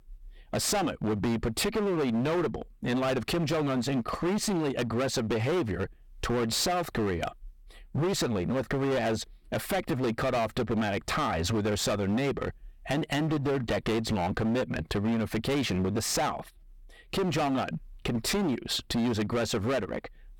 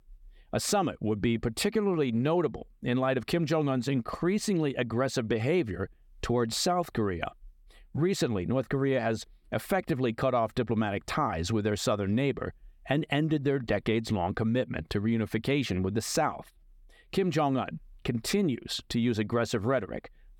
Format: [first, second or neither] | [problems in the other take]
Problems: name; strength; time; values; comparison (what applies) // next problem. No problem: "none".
second | distortion; heavy; 23% of the sound clipped